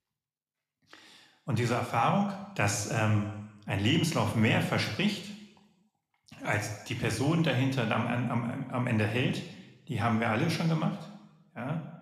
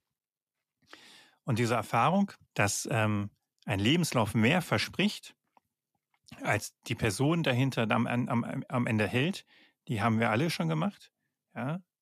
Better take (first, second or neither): second